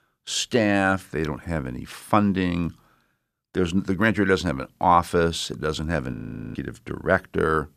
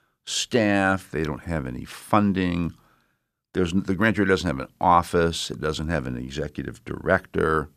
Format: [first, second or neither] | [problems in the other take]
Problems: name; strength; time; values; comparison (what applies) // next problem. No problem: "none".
second | audio freezing; at 6 s